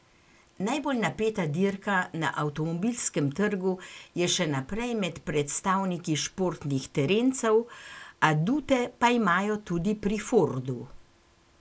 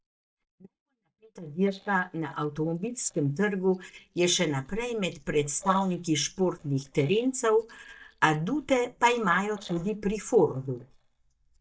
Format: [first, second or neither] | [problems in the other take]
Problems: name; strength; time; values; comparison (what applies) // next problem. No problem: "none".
first | noise reduction (neural mask model DeepFilterNet 3)